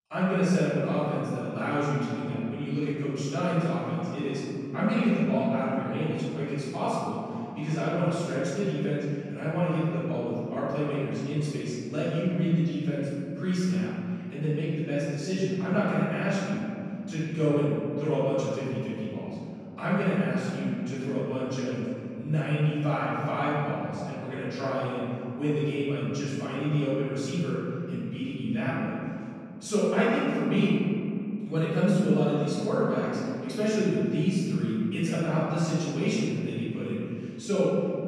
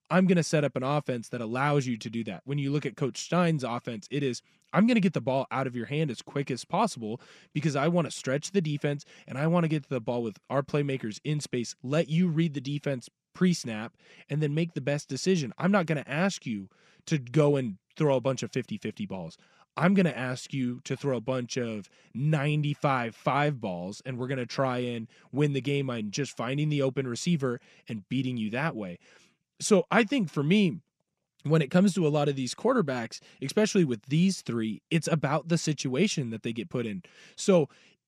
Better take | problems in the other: second | off-mic speech; far // room echo; strong; dies away in 2.5 s

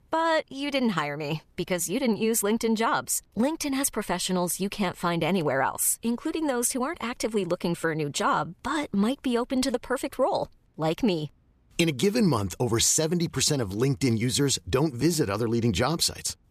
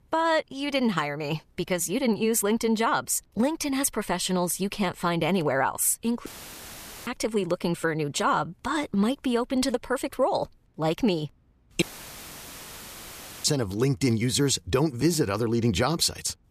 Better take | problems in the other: first | audio cutting out; filled with static; at 6.5 s for 1 s and at 12 s for 1.5 s

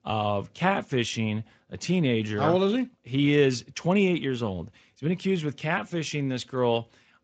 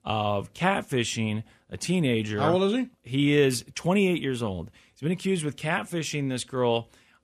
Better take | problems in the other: second | garbled, watery; slightly; nothing above 7.5 kHz

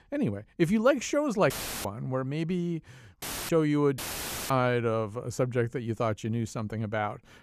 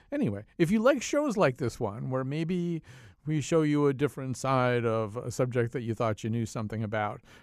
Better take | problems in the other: second | audio cutting out; filled with static; at 1.5 s, at 3 s and at 4 s for 0.5 s

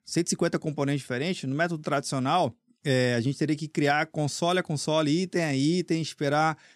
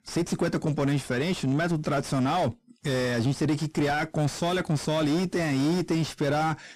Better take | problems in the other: first | distortion; heavy; 7 dB below the speech

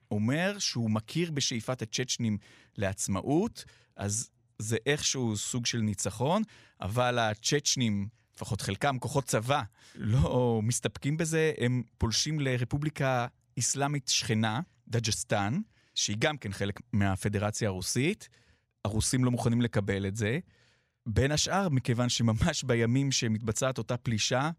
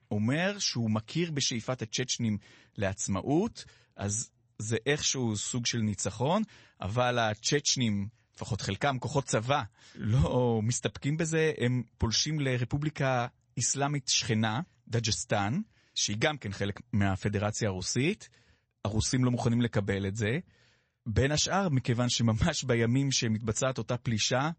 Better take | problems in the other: first | garbled, watery; slightly; nothing above 8 kHz

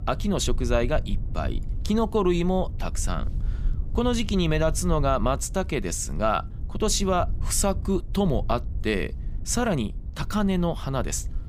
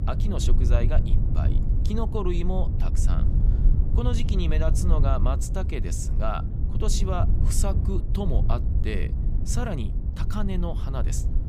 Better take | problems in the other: first | low rumble; loud; throughout; 7 dB below the speech; faint in the first

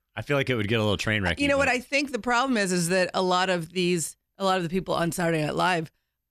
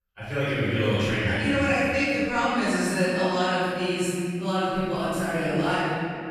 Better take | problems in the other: first | off-mic speech; far // room echo; strong; dies away in 2.4 s

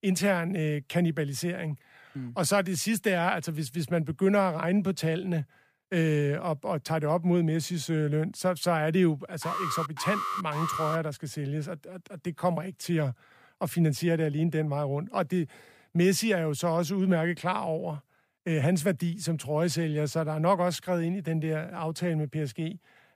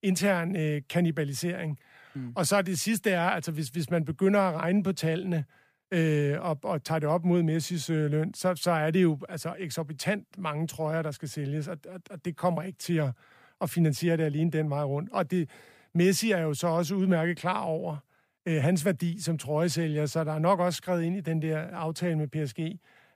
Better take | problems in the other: second | alarm; noticeable; from 9.5 to 11 s; peak 2 dB below the speech

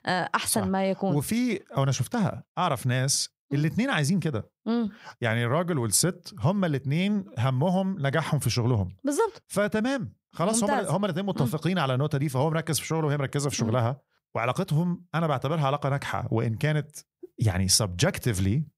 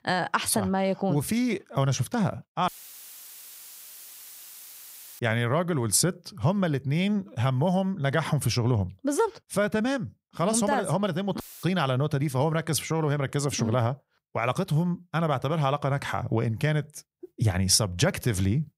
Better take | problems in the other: first | audio cutting out; filled with static; at 2.5 s for 2.5 s and at 11 s

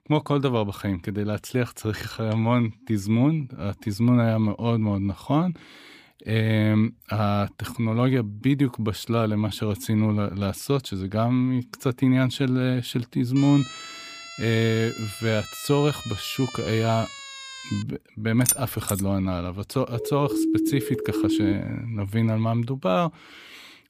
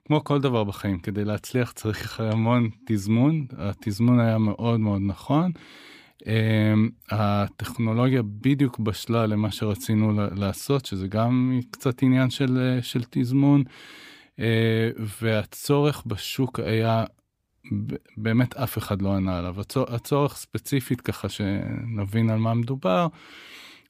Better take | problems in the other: second | siren; faint; from 13 to 18 s; peak 10 dB below the speech // jangling keys; loud; at 18 s; peak 2 dB above the speech // siren; loud; from 20 to 22 s; peak 1 dB above the speech

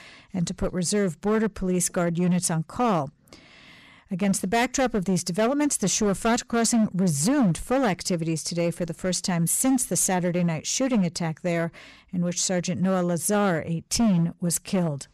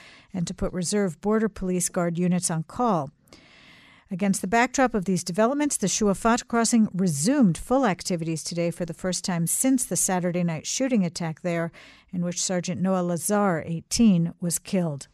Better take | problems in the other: second | distortion; slight; 9% of the sound clipped

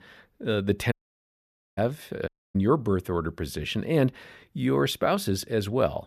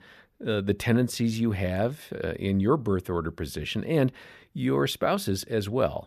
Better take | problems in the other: second | audio cutting out; at 1 s for 1 s and at 2.5 s

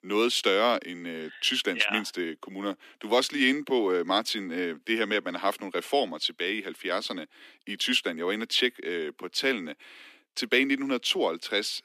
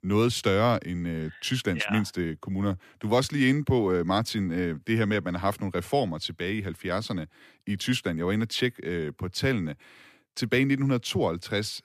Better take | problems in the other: second | thin; very slightly; fading below 250 Hz

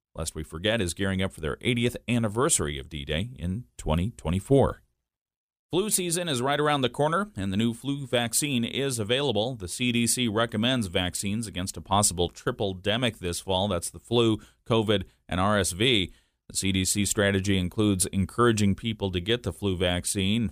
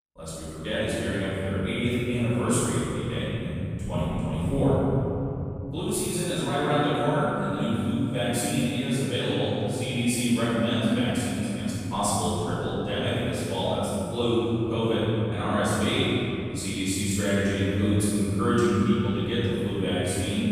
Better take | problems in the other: first | off-mic speech; far // room echo; strong; dies away in 3 s

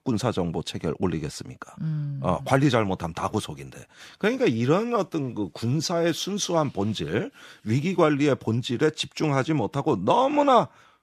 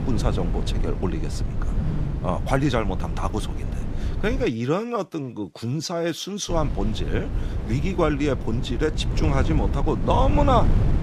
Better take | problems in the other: first | wind noise on the microphone; occasional gusts; until 4.5 s and from 6.5 s on; 10 dB below the speech

